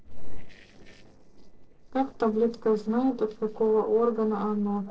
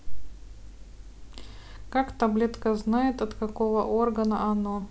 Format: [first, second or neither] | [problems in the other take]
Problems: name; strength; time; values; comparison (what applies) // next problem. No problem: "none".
second | noise reduction (neural separator model SepFormer DNS4)